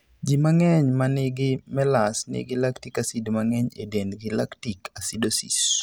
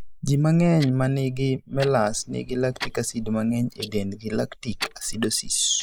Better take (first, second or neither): first